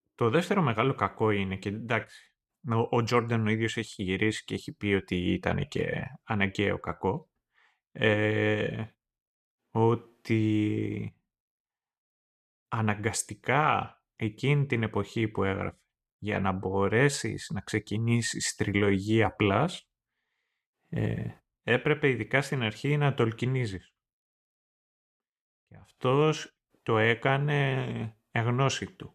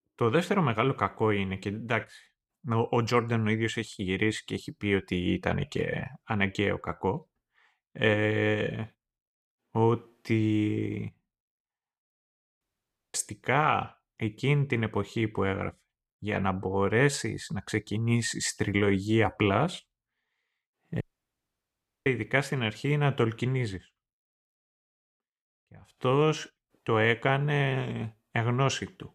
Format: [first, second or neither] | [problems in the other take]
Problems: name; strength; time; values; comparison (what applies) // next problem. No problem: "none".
first | audio cutting out; at 13 s for 0.5 s and at 21 s for 1 s